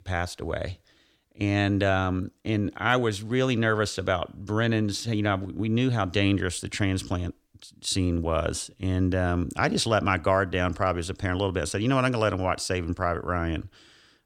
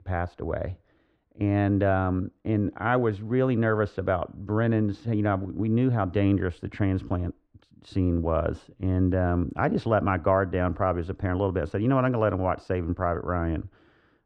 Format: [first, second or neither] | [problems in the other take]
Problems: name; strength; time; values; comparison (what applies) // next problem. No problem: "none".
first | muffled; very; fading above 3.5 kHz